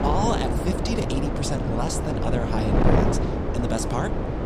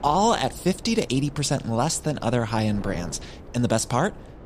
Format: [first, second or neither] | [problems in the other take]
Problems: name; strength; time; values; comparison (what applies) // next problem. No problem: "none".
second | wind noise on the microphone; heavy; 2 dB above the speech; occasional gusts in the second